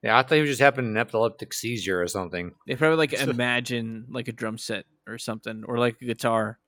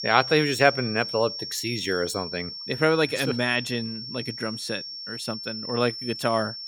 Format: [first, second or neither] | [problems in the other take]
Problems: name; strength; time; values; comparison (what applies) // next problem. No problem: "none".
first | high-pitched whine; loud; throughout; 5.5 kHz, 7 dB below the speech